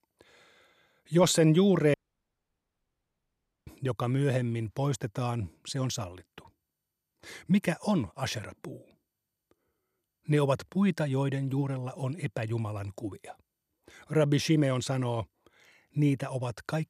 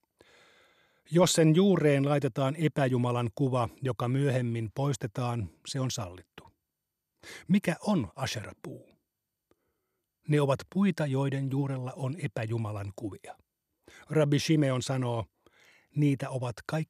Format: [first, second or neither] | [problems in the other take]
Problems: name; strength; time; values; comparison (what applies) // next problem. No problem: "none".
second | audio cutting out; at 2 s for 1.5 s